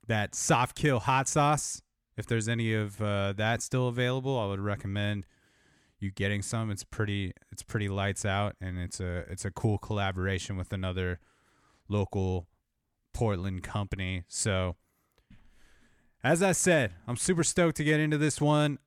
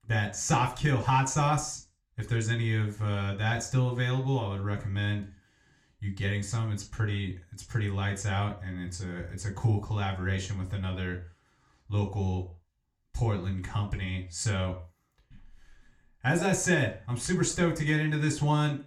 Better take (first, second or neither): first